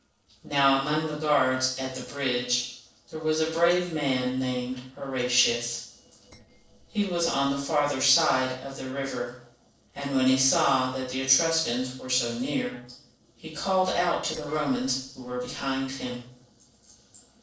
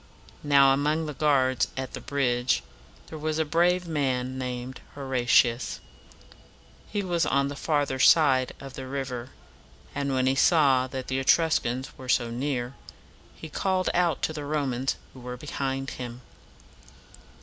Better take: second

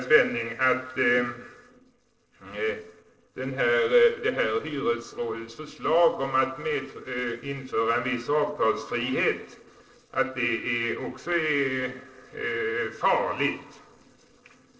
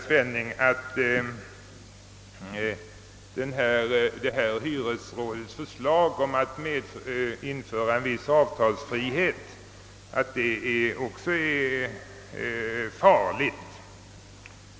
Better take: second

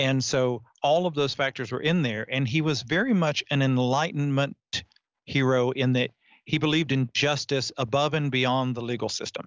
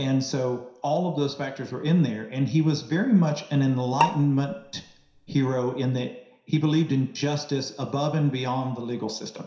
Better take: first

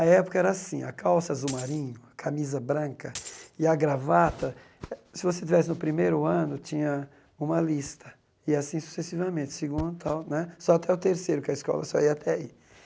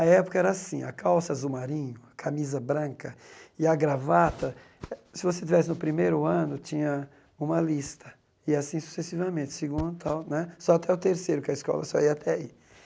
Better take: second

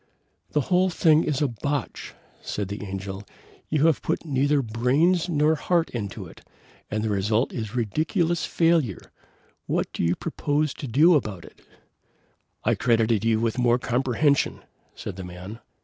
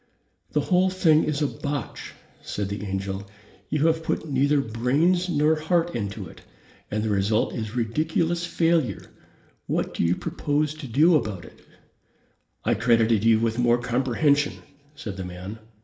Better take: first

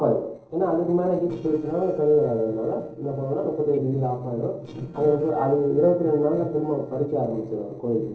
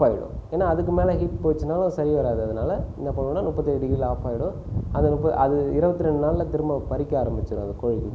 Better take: second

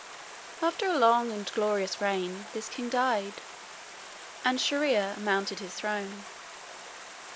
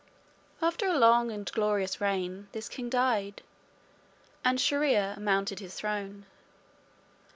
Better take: second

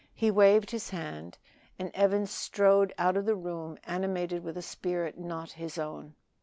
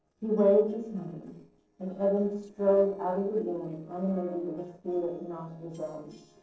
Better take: first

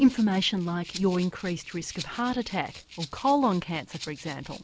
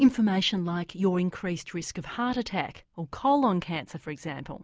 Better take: second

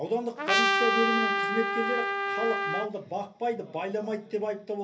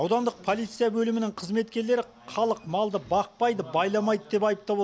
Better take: second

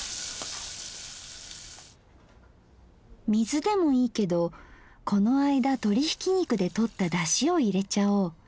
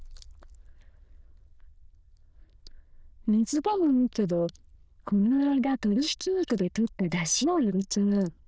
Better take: first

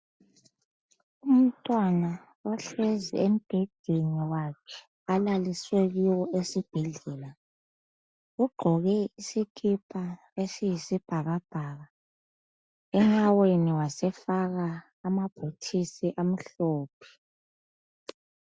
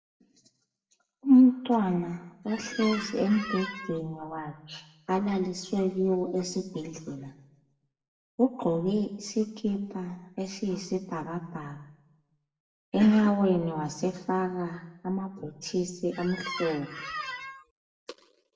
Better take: first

